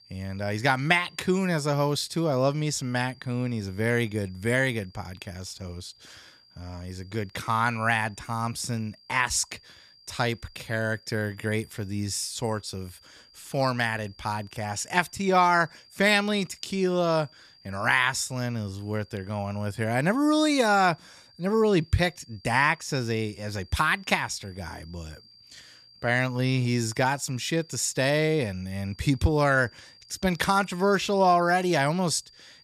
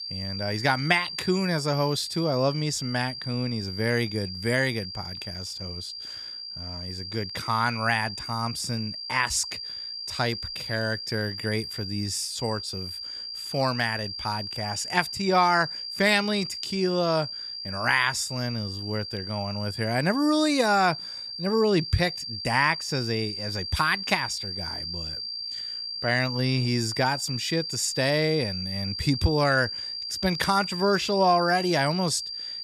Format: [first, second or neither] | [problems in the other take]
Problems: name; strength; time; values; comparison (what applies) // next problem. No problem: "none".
first | high-pitched whine; loud; throughout; 4.5 kHz, 6 dB below the speech; faint in the first